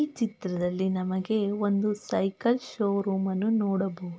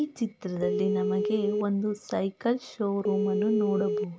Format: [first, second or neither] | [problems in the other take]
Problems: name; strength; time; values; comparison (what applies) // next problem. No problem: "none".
first | background sound (Telephone); 1 dB above the speech